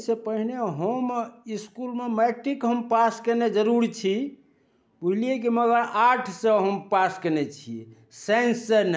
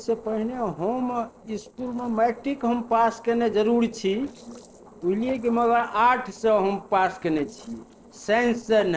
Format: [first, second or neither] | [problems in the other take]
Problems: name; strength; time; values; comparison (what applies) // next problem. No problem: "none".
first | noise reduction (neural separator model SepFormer DNS4)